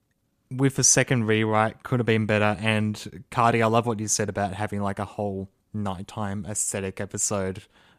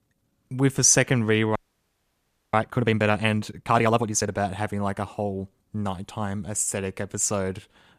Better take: first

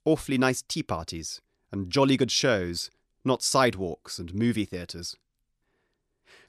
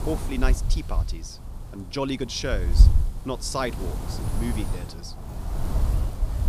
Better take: first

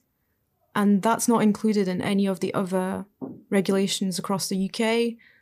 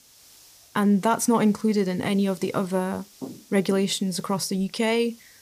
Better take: first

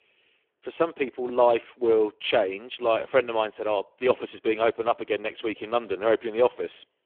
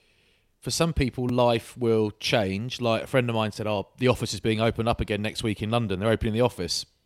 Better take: second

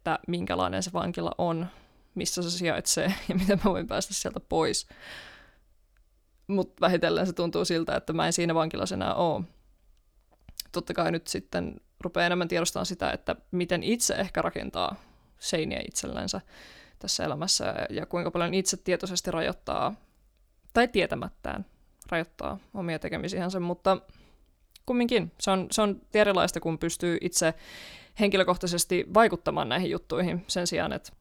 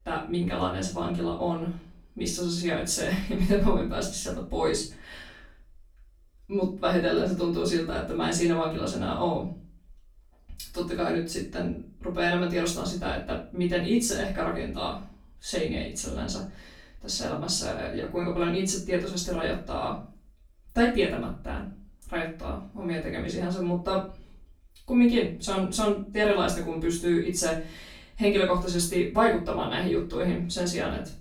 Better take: first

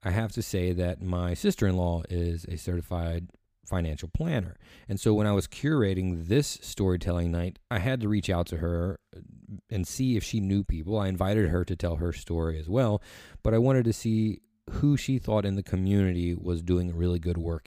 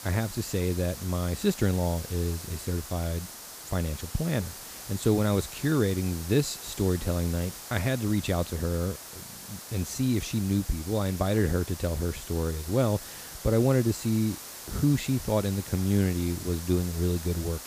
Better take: first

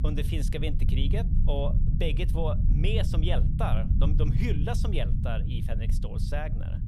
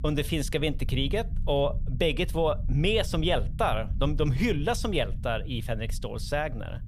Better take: second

